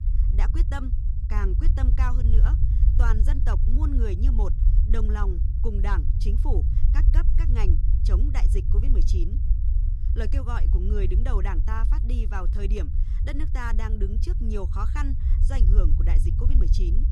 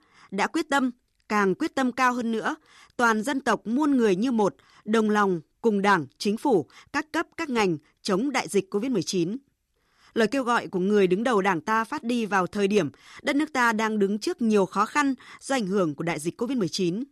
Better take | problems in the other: second | low rumble; loud; throughout; 7 dB below the speech

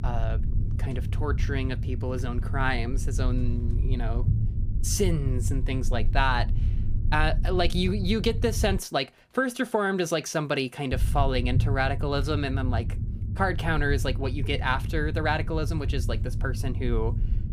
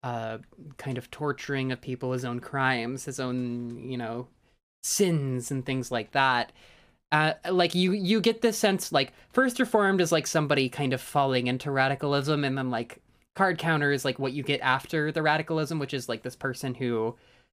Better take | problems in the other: second | low rumble; noticeable; until 9 s and from 11 s on; 15 dB below the speech

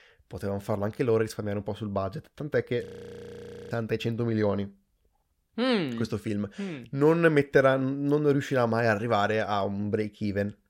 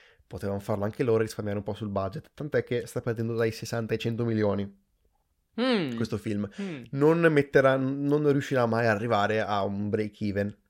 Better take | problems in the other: second | audio freezing; at 3 s for 1 s

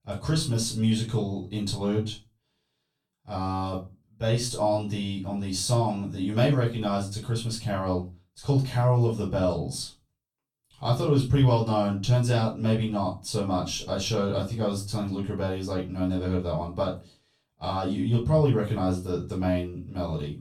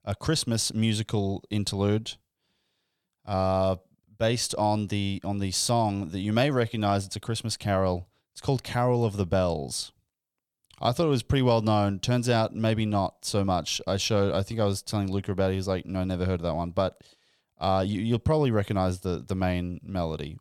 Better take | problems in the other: second | off-mic speech; far // room echo; slight; dies away in 0.2 s

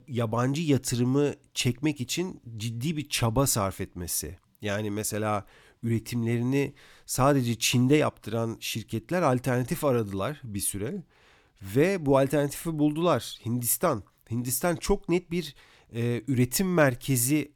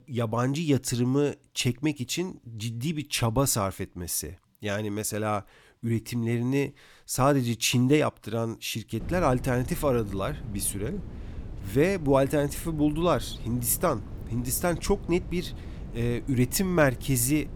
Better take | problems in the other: first | wind noise on the microphone; occasional gusts; from 9 s on; 20 dB below the speech

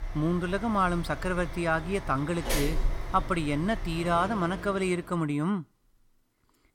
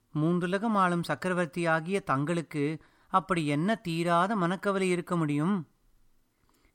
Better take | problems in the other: second | traffic noise; loud; until 4.5 s; 9 dB below the speech

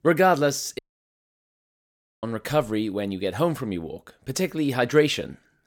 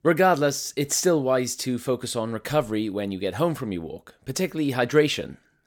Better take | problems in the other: second | audio cutting out; at 1 s for 1.5 s

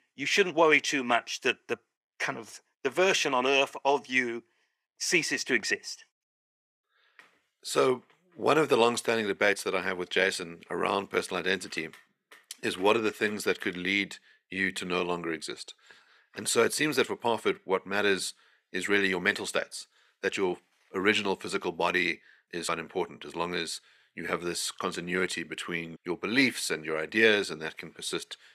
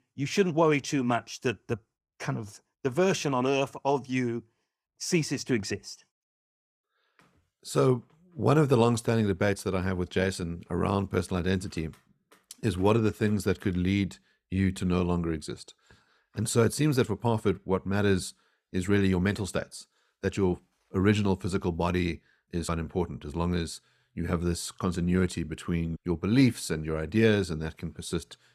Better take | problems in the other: second | thin; somewhat; fading below 400 Hz

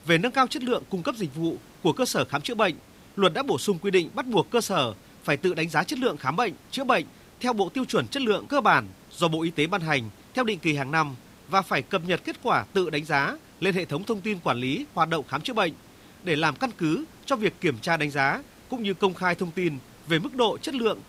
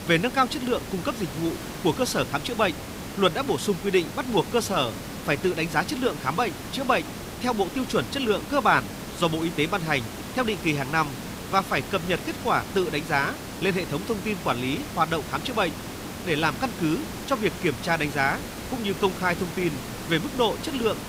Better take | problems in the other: first | hiss; loud; throughout; 9 dB below the speech; faint in the first

